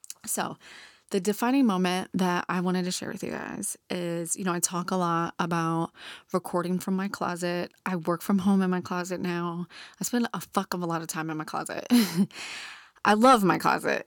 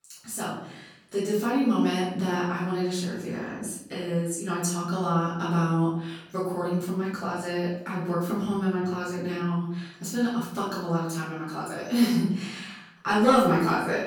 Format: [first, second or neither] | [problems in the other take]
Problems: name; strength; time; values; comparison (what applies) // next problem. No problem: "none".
first | off-mic speech; far // room echo; noticeable; dies away in 0.8 s